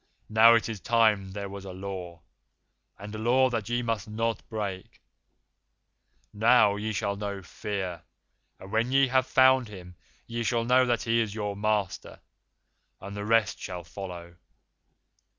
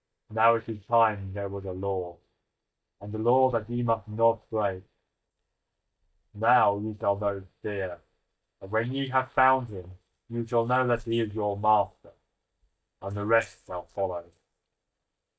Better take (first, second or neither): first